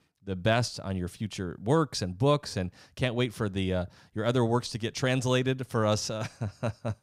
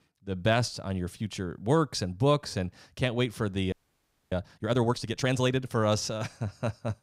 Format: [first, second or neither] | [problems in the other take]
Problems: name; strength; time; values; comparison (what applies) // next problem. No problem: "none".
first | audio freezing; at 3.5 s for 0.5 s